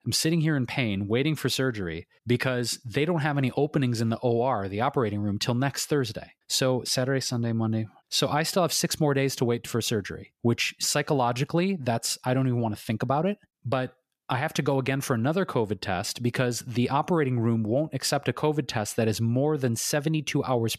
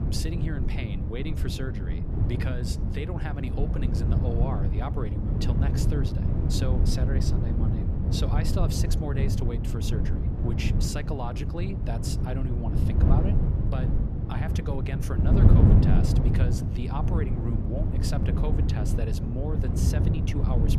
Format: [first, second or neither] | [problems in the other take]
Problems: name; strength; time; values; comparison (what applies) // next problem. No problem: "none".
first | wind noise on the microphone; heavy; as loud as the speech